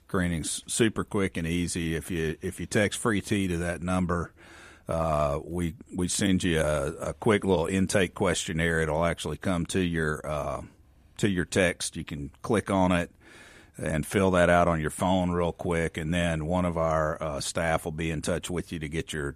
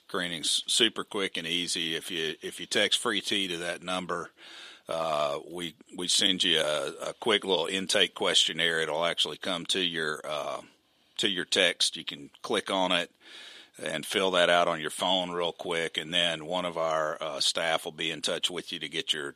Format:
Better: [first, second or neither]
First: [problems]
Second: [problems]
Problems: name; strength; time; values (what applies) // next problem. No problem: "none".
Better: first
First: none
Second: thin; somewhat; fading below 350 Hz